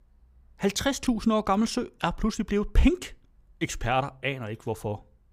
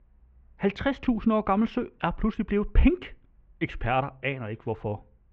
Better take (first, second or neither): first